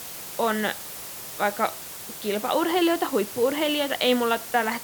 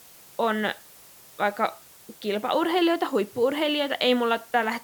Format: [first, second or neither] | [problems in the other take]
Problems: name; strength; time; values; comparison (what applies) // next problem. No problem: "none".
second | hiss; loud; throughout; 10 dB below the speech; faint in the second